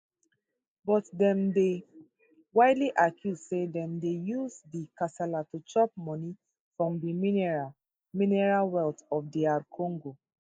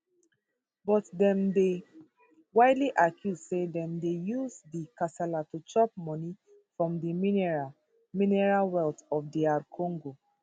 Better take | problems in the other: second | noise reduction (neural mask model Resemble Enhance denoiser)

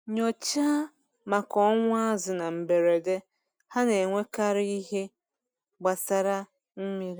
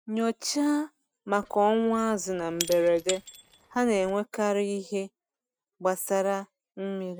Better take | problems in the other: first | noise reduction (neural mask model RNNoise)

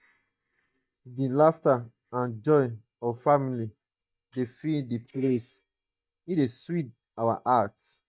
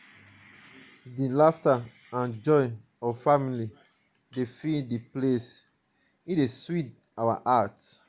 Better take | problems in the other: second | noise reduction (neural mask model DeepFilterNet 3)

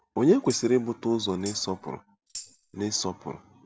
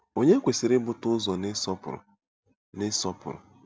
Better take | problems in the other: second | background sound (Tambourine); 17 dB below the speech

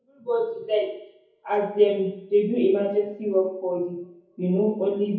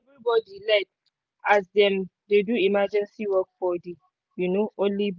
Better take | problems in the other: second | room echo; dies away in 0.7 s

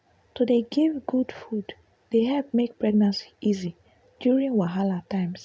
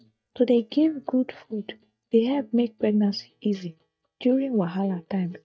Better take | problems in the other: first | noise reduction (neural mask model DeepFilterNet 3)

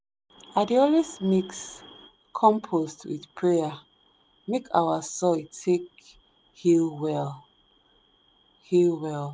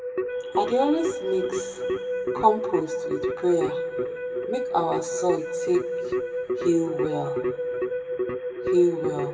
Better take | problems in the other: first | background sound (Keyboard (musical)); 1 dB below the speech // room echo; dies away in 1.5 s

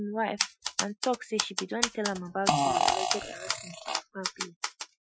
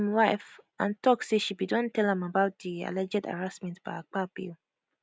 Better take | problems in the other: second | noise reduction (classical method Wiener filter)

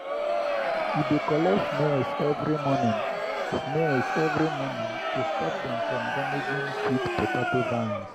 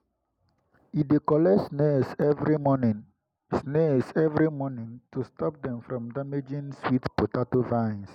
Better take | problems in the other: second | background sound (Crowd); as loud as the speech

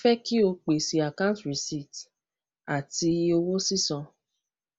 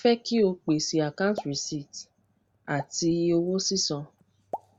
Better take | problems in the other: first | background sound (Explosion); 18 dB below the speech

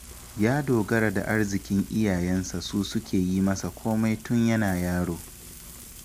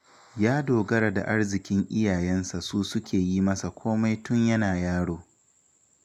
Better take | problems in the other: second | background sound (Frying (food)); 18 dB below the speech

